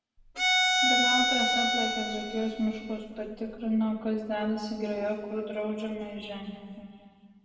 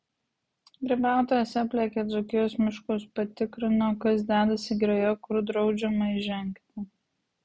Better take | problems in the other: second | background sound (Bowed string instrument); 4 dB above the speech // room echo; dies away in 2.1 s

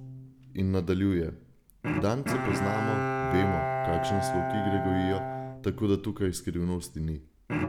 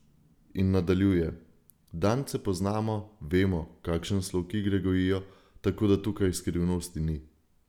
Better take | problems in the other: second | background sound (Bowed string instrument); 2 dB below the speech

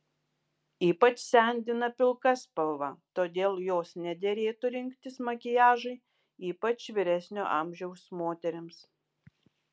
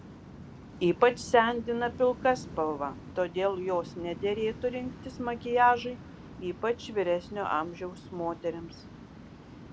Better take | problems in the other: first | background sound (Waves, surf); 15 dB below the speech

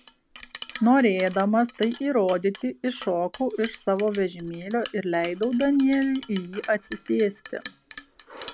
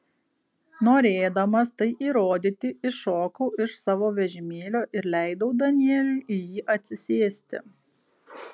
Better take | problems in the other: second | background sound (Chink, clink); 19 dB below the speech

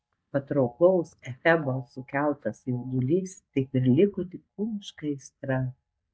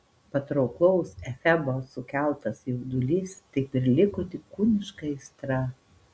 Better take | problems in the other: second | noise reduction (neural mask model DeepFilterNet 3)

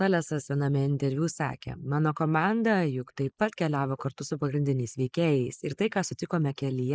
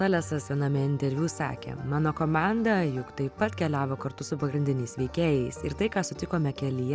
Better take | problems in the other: second | noise reduction (neural mask model Resemble Enhance denoiser)

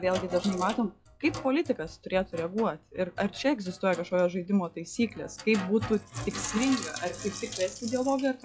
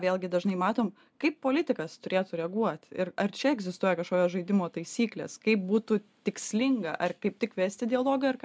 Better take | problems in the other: second | noise reduction (classical method log-MMSE)

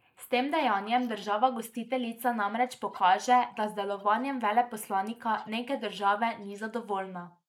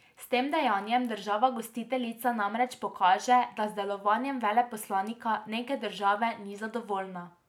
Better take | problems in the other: second | noise reduction (neural mask model Resemble Enhance denoiser)

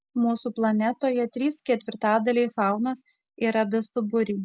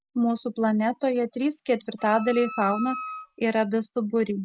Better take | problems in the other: first | background sound (Wind instrument, woodwind instrument); 11 dB below the speech

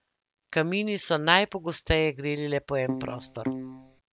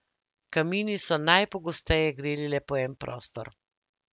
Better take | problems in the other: second | background sound (Keyboard (musical)); 6 dB below the speech

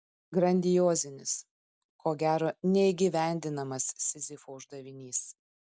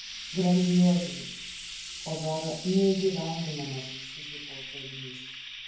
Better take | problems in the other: first | background sound (Frying (food)); 11 dB below the speech // room echo; dies away in 0.9 s

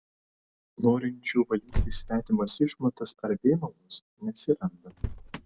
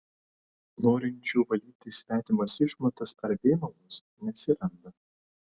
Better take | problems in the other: second | background sound (Motor vehicle (road)); 8 dB below the speech

